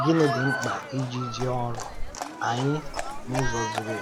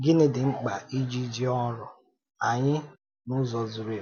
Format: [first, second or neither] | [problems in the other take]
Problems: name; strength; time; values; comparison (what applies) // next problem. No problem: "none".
second | background sound (Wind + Livestock, farm animals, working animals); 3 dB below the speech